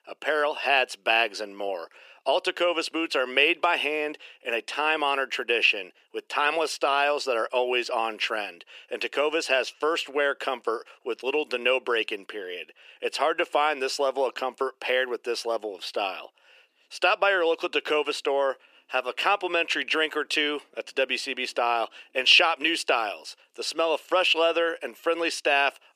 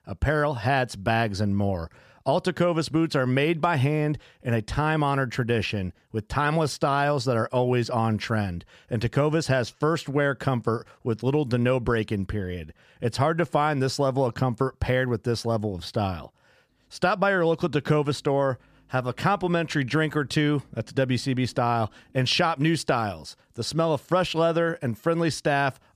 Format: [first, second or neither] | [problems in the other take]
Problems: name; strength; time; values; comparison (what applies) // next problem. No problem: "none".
second | thin; very; fading below 350 Hz